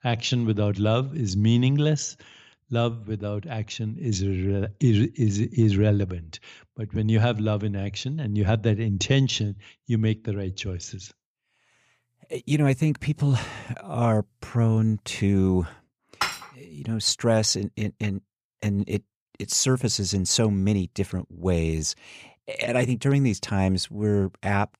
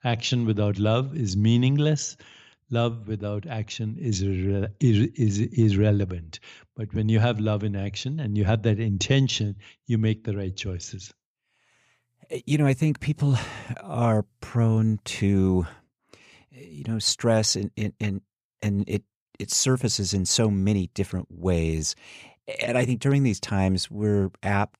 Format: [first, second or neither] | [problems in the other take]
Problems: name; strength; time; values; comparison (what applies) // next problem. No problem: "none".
second | clattering dishes; noticeable; at 16 s; peak 4 dB below the speech